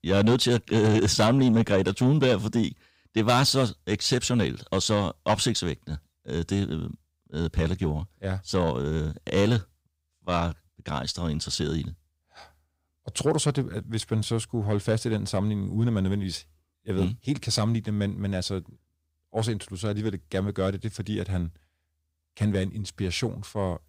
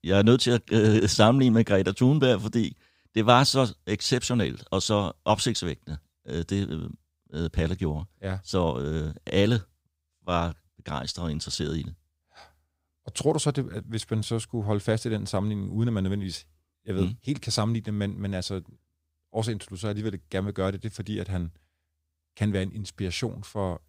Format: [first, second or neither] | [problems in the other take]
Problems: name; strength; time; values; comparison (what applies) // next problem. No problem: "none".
second | distortion; slight; 10 dB below the speech